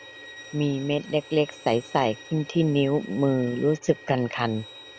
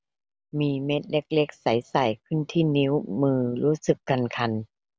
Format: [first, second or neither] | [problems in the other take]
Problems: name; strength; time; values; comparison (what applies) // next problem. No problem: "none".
second | background sound (Bowed string instrument); 19 dB below the speech